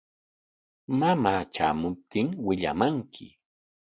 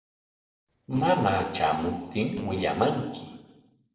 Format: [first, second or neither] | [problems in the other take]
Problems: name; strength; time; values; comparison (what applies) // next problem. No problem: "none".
first | noise reduction (neural separator model SepFormer DNS4)